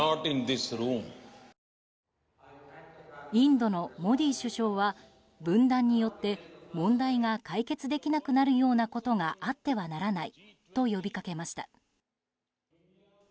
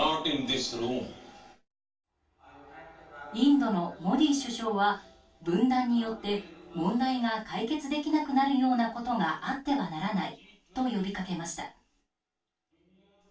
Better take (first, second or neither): first